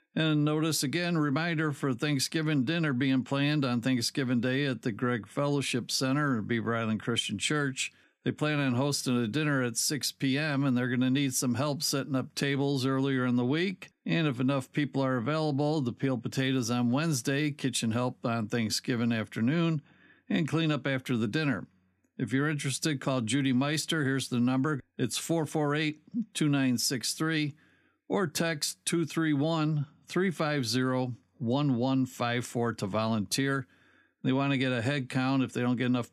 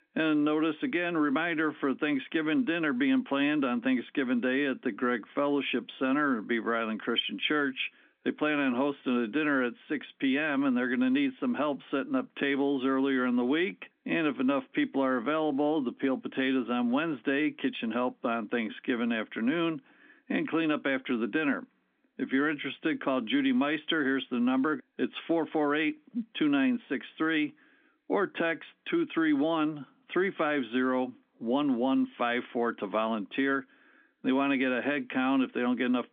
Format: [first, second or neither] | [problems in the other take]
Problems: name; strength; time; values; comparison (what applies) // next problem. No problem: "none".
first | phone-call audio; nothing above 3.5 kHz